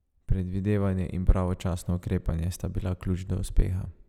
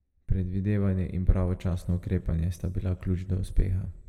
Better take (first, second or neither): first